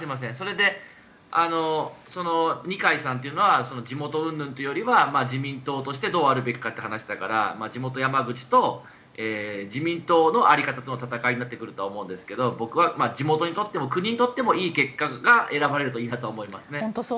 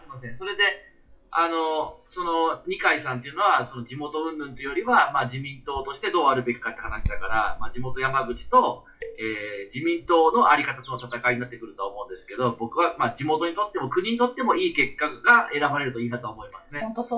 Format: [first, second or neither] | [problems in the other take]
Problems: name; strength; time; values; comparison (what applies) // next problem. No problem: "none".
first | noise reduction (classical method WPE with log-MMSE)